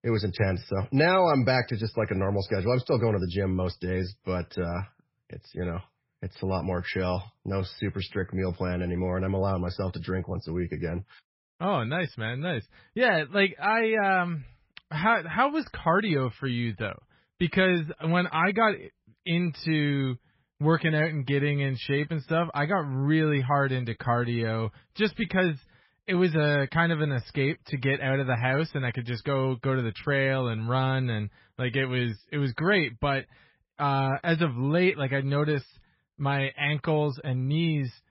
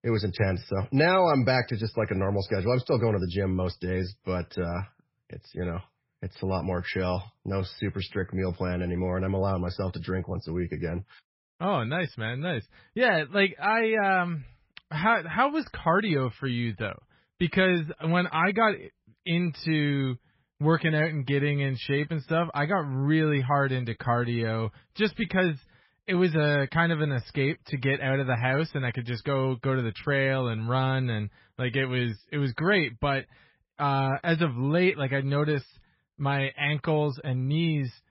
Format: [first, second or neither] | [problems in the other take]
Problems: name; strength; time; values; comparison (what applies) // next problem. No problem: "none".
neither | garbled, watery; badly; nothing above 5.5 kHz; the same in both